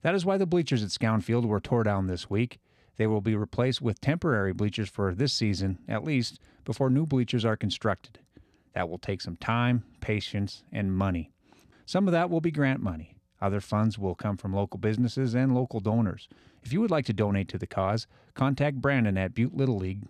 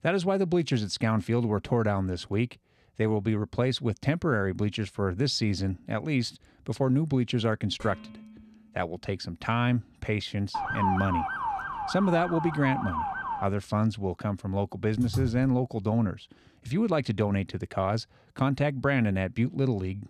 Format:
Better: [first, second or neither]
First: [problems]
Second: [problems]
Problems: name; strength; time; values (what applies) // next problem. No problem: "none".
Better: first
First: none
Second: clattering dishes; faint; from 8 to 9 s; peak 15 dB below the speech // siren; noticeable; from 11 to 13 s; peak level with the speech // keyboard typing; noticeable; at 15 s; peak 5 dB below the speech